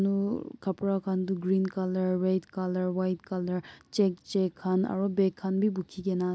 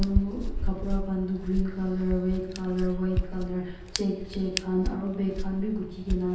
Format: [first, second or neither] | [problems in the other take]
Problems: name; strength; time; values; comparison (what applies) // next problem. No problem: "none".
first | background sound (Hands); 2 dB below the speech // room echo; dies away in 0.9 s